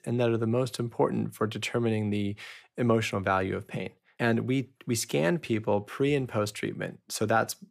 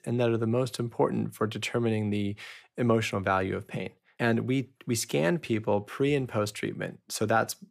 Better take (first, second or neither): neither